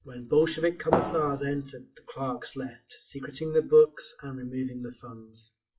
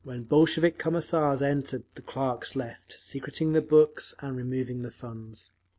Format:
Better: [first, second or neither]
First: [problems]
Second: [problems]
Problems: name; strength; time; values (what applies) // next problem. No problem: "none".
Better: second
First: noise reduction (classical method WPE with log-MMSE)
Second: none